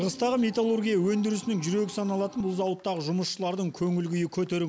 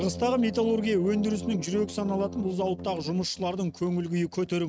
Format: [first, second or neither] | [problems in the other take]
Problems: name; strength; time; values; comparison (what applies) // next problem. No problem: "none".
first | noise reduction (neural mask model RNNoise)